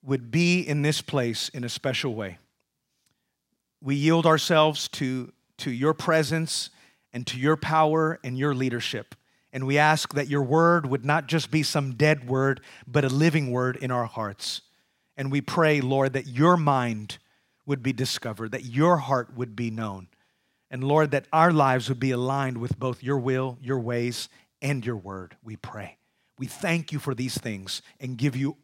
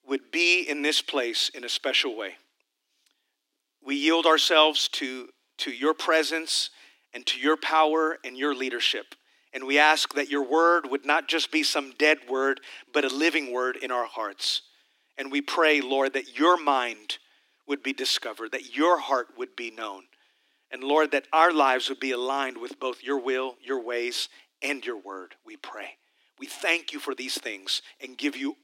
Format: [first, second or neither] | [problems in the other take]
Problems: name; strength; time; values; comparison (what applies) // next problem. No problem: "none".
first | thin; somewhat; fading below 300 Hz